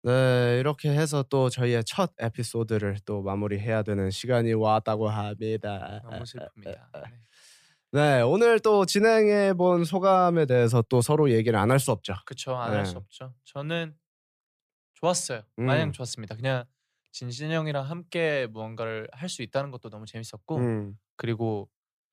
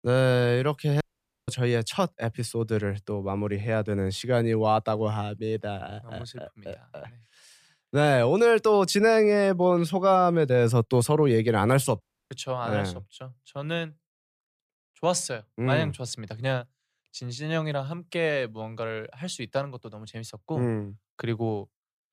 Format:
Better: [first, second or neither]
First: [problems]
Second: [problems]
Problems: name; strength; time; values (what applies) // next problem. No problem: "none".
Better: first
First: none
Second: audio cutting out; at 1 s and at 12 s